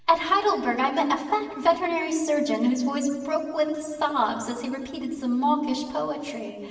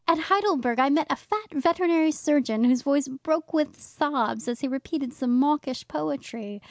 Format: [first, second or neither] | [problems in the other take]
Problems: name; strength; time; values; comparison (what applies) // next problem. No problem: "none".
second | room echo; dies away in 1.3 s